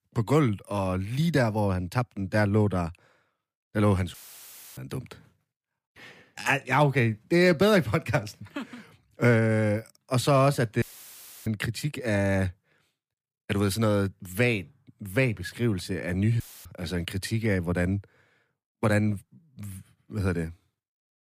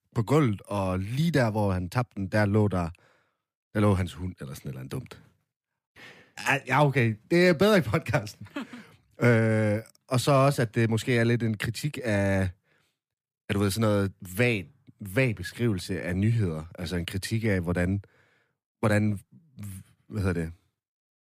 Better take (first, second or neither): second